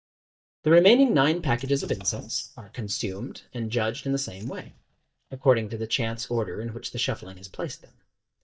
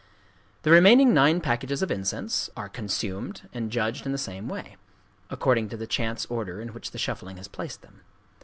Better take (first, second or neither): second